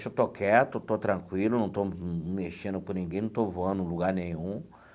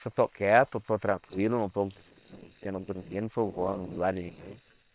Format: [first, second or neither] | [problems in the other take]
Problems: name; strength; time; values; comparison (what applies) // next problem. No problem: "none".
first | noise reduction (neural separator model SepFormer WHAM!)